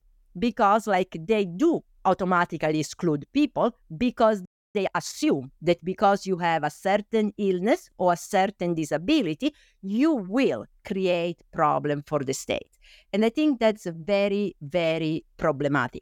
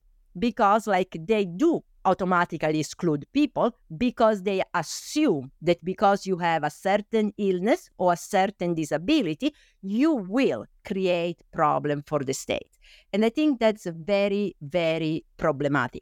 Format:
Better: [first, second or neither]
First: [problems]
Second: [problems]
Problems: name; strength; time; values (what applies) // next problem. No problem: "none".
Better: second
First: audio freezing; at 4.5 s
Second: none